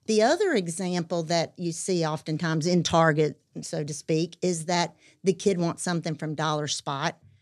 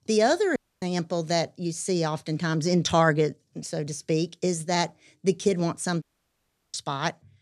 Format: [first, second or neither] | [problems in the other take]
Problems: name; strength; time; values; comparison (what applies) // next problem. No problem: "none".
first | audio cutting out; at 0.5 s and at 6 s for 0.5 s